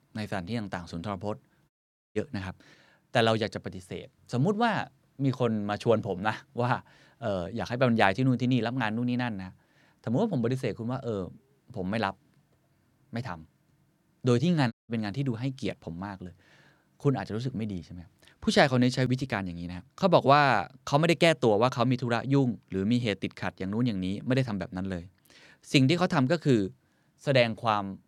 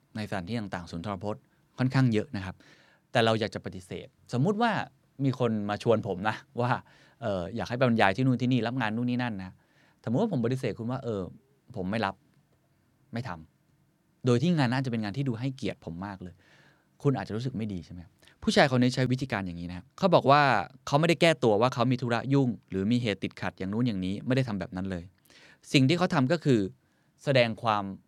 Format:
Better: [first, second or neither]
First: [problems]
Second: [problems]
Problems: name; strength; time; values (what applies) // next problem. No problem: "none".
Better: second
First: audio cutting out; at 1.5 s and at 15 s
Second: none